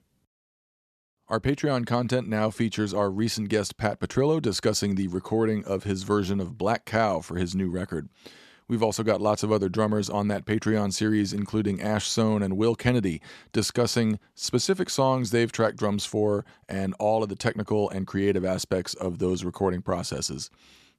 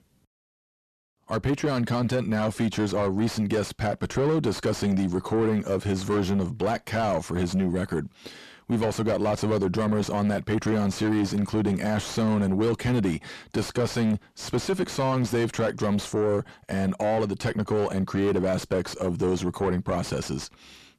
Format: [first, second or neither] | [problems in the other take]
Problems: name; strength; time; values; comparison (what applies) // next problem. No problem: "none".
first | distortion; heavy; 7 dB below the speech